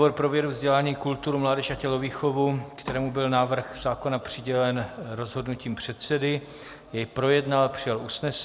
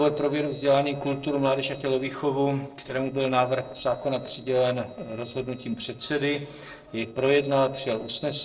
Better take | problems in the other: first | noise reduction (neural separator model SepFormer DNS4)

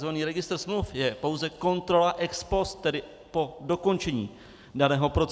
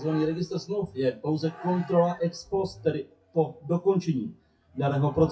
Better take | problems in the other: first | noise reduction (classical method WPE with log-MMSE)

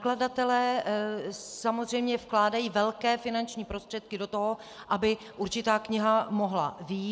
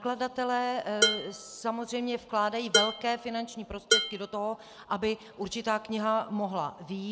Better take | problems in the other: first | background sound (Dishes, pots, and pans); as loud as the speech

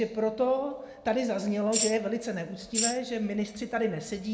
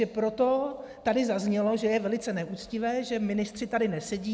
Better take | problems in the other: second | background sound (Tambourine); 2 dB below the speech // room echo; dies away in 0.6 s

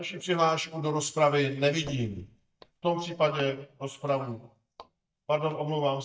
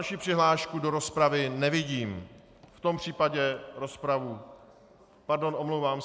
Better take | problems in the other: second | noise reduction (neural mask model DeepFilterNet 3)

